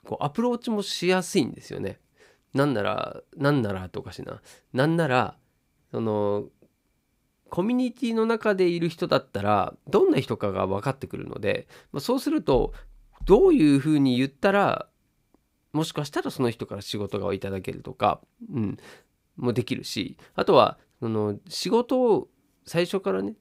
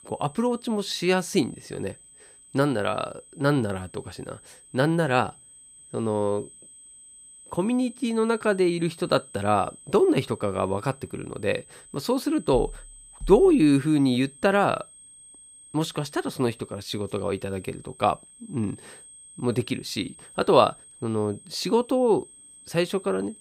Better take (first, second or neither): first